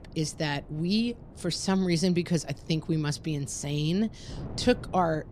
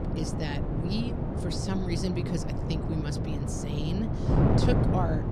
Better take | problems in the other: first | wind noise on the microphone; heavy; 2 dB above the speech; occasional gusts in the first

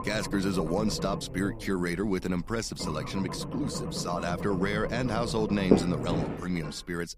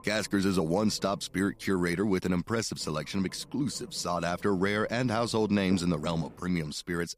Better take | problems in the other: second | low rumble; loud; throughout; 4 dB below the speech; faint in the second

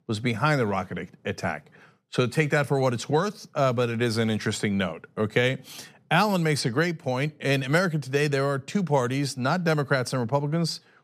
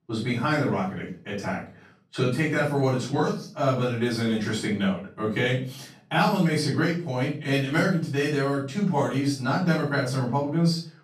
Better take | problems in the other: first | off-mic speech; far // room echo; noticeable; dies away in 0.4 s

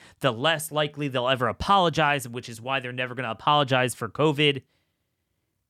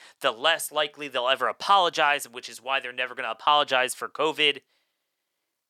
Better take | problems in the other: first | thin; very; fading below 550 Hz

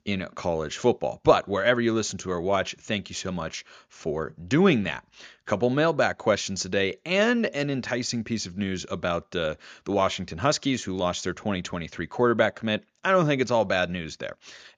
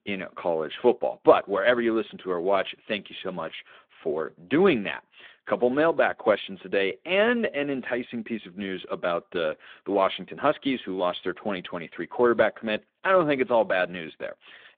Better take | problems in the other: first | phone-call audio

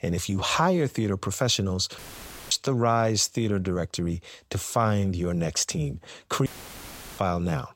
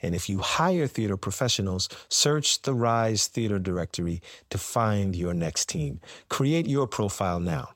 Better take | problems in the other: second | audio cutting out; filled with static; at 2 s for 0.5 s and at 6.5 s for 0.5 s

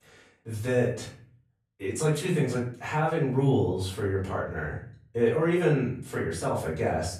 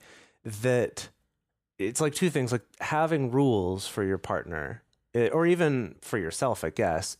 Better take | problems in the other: second | off-mic speech; far // room echo; noticeable; dies away in 0.5 s

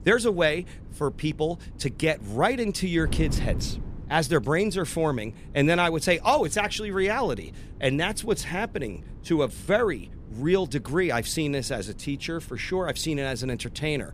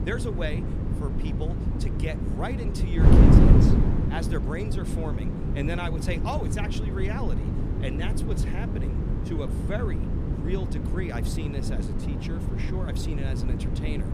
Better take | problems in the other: first | wind noise on the microphone; heavy; 1 dB above the speech; occasional gusts in the first

